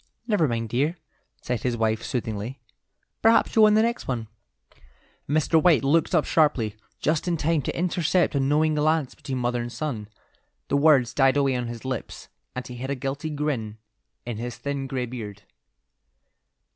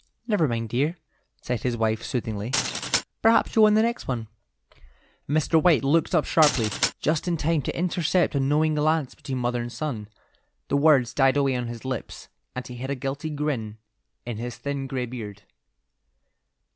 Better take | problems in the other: first | background sound (Glass); 4 dB below the speech

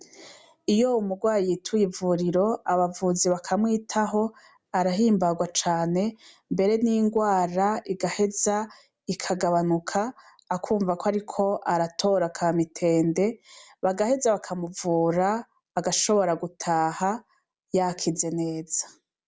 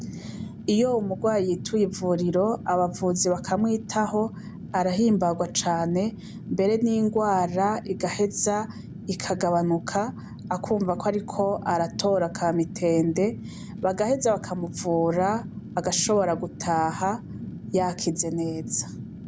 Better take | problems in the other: first | background sound (Fire); 12 dB below the speech

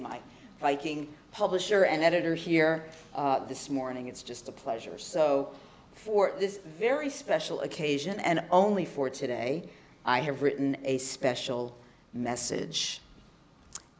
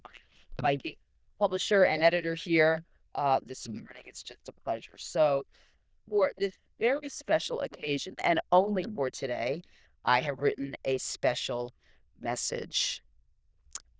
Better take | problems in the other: first | noise reduction (neural diffusion model UNIVERSE++)

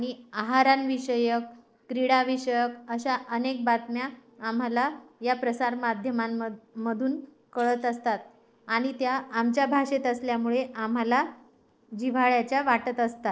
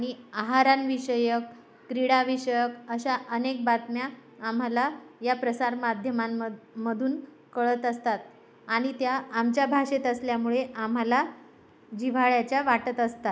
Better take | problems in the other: second | noise reduction (neural separator model SepFormer DNS4)

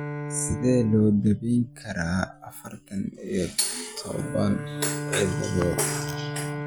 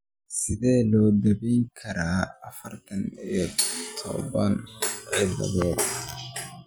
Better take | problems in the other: second | background sound (Bowed string instrument); 8 dB below the speech

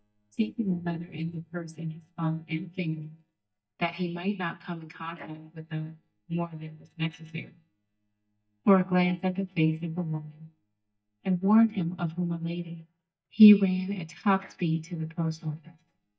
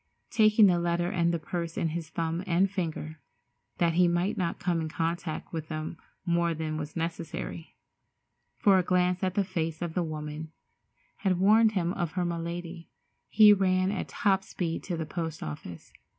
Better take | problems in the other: second | noise reduction (neural mask model DeepFilterNet 3)

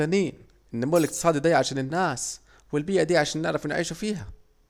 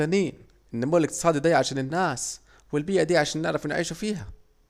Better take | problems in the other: second | background sound (Shatter); 15 dB below the speech

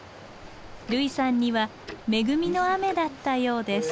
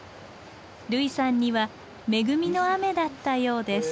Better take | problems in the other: second | background sound (Bird + Tick-tock); 19 dB below the speech

